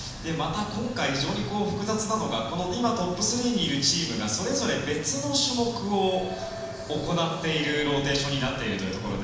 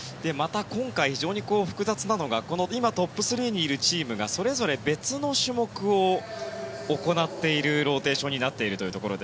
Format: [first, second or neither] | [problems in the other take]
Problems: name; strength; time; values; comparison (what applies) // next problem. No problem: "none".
second | background sound (Gull, seagull / Ocean); 18 dB below the speech // room echo; dies away in 1.1 s